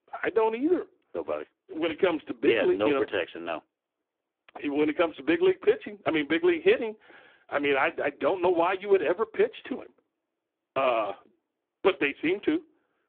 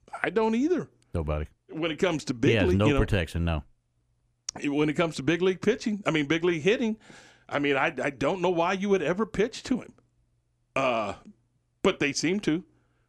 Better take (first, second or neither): second